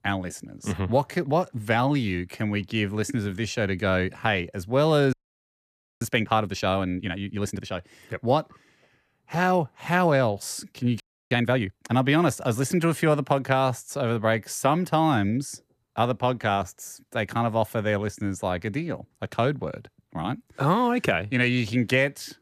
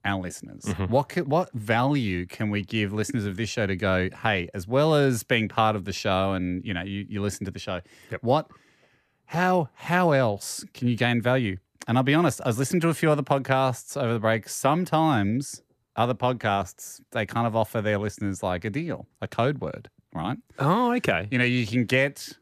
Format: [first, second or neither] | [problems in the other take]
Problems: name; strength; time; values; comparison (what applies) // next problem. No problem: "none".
second | audio freezing; at 5 s for 1 s and at 11 s